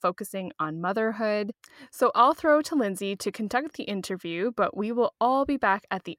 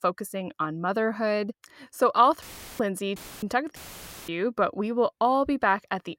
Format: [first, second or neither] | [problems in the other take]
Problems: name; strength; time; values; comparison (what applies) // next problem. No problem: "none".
first | audio cutting out; filled with static; at 2.5 s, at 3 s and at 4 s for 0.5 s